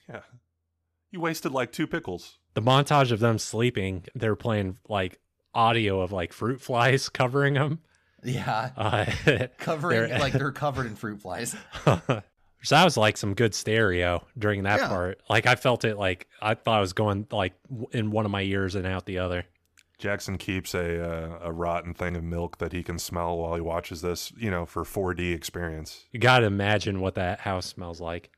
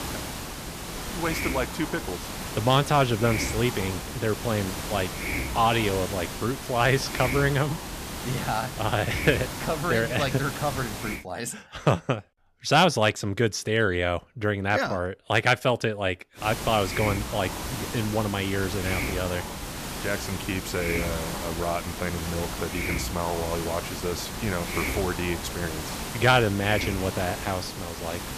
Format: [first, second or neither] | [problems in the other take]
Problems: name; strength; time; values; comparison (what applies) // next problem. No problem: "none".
first | hiss; loud; until 11 s and from 16 s on; 6 dB below the speech